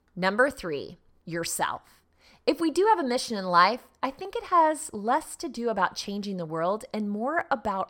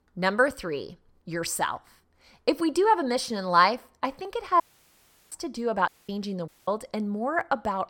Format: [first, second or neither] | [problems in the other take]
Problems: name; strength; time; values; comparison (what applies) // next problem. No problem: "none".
first | audio cutting out; at 4.5 s for 0.5 s, at 6 s and at 6.5 s